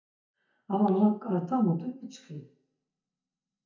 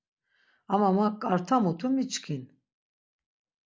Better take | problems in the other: second | noise reduction (neural mask model DeepFilterNet 3)

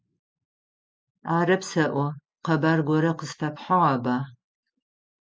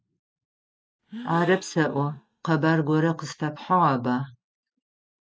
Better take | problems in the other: first | noise reduction (neural mask model RNNoise)

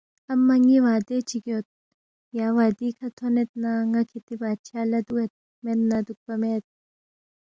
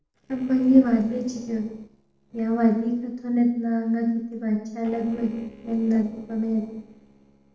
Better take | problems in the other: first | noise reduction (neural separator model SepFormer DNS4)

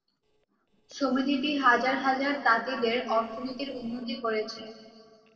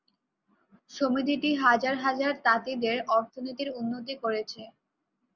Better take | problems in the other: second | noise reduction (neural separator model SepFormer DNS4)

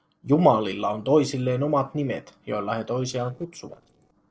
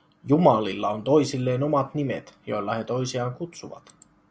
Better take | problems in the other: second | noise reduction (neural separator model SepFormer DNS4)

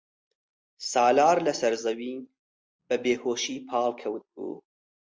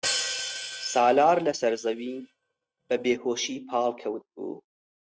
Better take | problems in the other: first | noise reduction (neural mask model RNNoise)

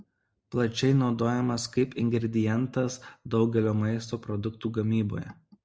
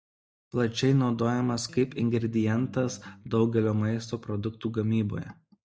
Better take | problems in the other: first | noise reduction (neural mask model DeepFilterNet 3)

